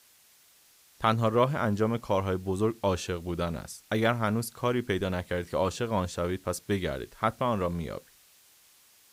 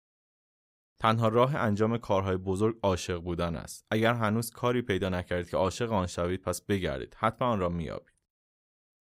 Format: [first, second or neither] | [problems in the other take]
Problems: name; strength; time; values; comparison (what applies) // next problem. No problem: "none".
second | hiss; faint; throughout; 25 dB below the speech